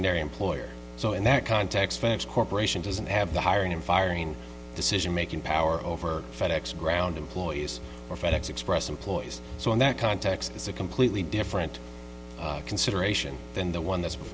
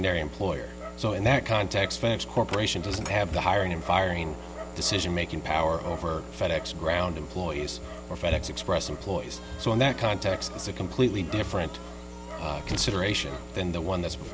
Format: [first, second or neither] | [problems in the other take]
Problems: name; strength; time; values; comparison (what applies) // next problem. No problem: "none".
first | background sound (Dog); 15 dB below the speech